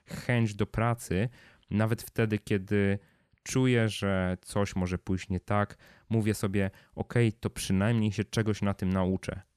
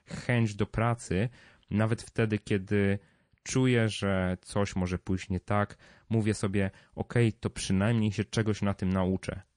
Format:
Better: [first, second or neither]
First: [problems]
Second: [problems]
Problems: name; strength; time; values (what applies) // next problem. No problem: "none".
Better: first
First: none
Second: garbled, watery; slightly